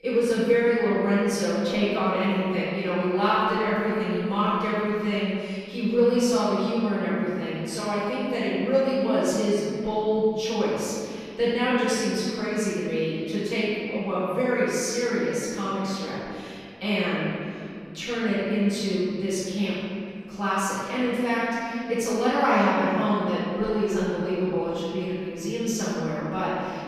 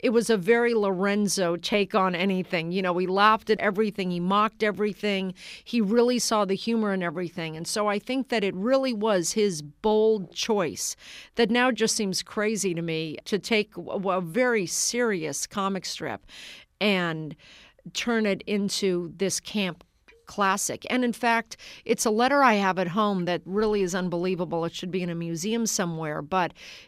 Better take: second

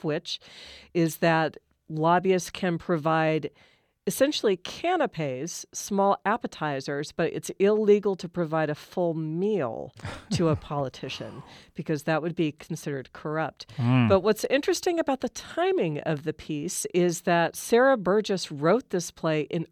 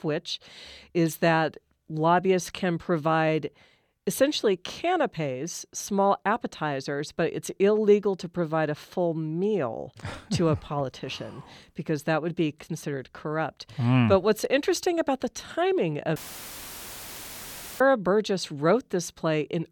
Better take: first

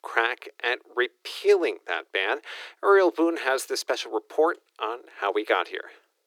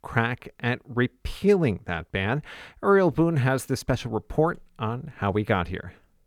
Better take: second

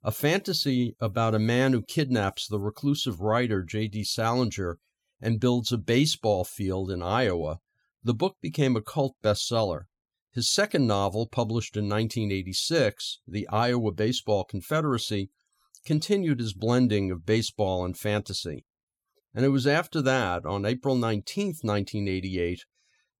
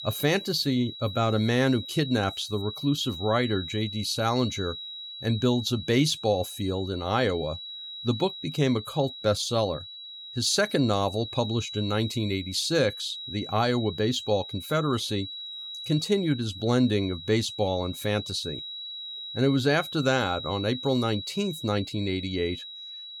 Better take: first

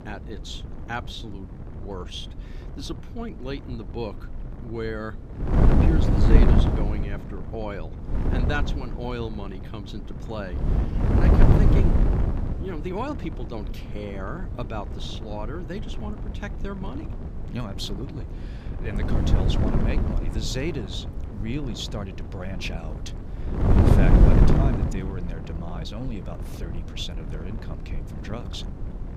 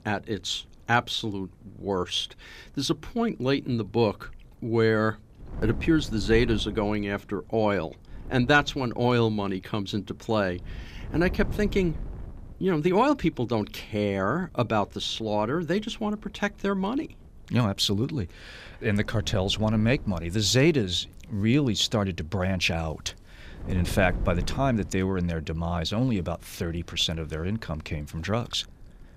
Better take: second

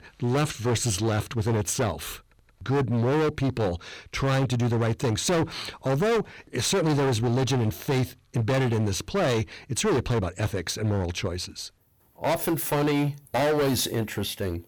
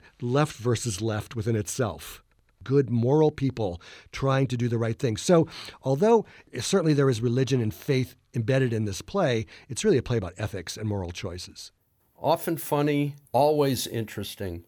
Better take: second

